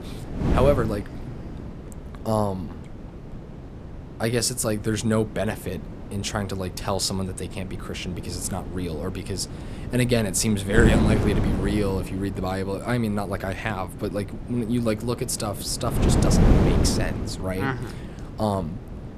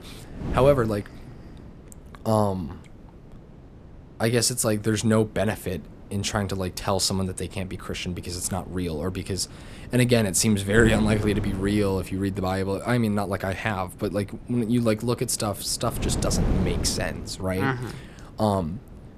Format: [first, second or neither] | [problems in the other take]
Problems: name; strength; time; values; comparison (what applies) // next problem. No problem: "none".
second | wind noise on the microphone; heavy; 7 dB below the speech; occasional gusts in the second